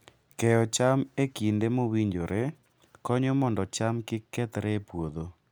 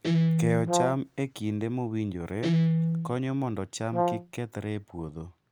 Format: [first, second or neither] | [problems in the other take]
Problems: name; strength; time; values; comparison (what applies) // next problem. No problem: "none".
first | background sound (Brass instrument + Guitar); 3 dB above the speech